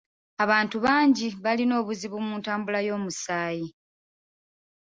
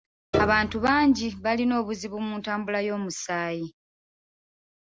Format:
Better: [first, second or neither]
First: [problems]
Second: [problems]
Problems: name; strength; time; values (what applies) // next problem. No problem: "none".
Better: first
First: none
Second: background sound (Piano); 7 dB below the speech